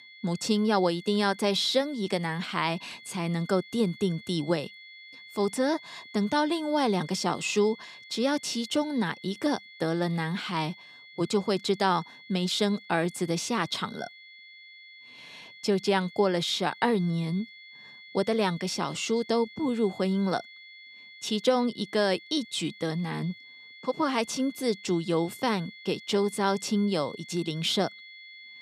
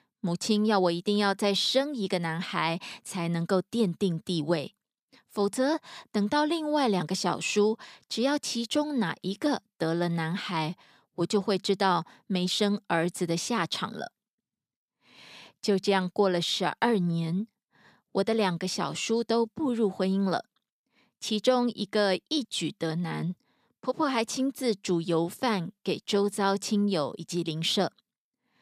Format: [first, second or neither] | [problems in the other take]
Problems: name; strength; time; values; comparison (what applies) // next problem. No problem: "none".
second | high-pitched whine; noticeable; throughout; 2 kHz, 20 dB below the speech